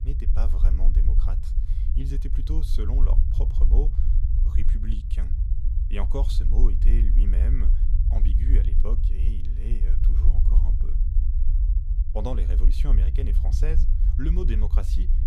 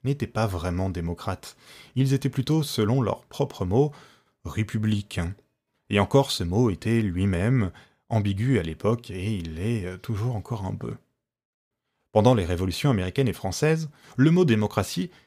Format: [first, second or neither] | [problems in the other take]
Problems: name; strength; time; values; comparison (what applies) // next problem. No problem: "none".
second | low rumble; loud; throughout; 4 dB below the speech